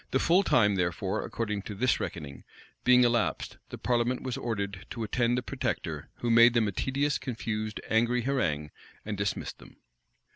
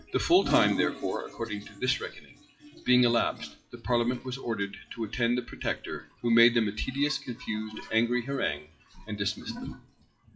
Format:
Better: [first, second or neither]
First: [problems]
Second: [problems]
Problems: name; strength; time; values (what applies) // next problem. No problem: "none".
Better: first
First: none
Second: noise reduction (classical method WPE with log-MMSE)